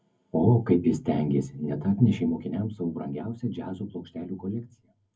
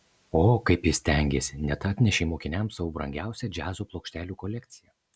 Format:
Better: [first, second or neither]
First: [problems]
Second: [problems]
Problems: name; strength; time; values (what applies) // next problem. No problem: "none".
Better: second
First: room echo; dies away in 0.3 s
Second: none